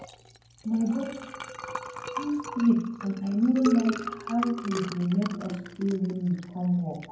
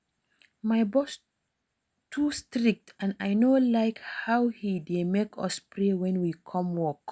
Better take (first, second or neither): second